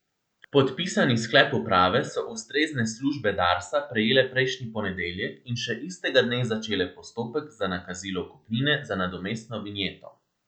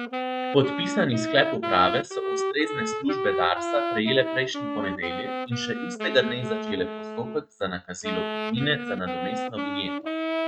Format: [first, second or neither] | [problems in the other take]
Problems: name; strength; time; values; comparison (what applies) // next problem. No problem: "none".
first | noise reduction (neural mask model RNNoise)